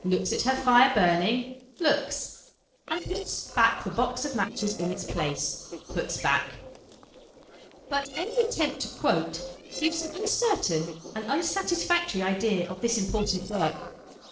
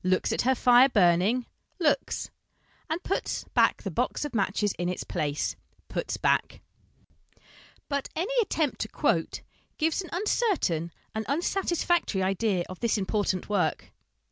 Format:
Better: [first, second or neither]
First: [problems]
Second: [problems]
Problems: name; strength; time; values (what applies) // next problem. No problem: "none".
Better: second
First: noise reduction (neural separator model SepFormer DNS4)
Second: none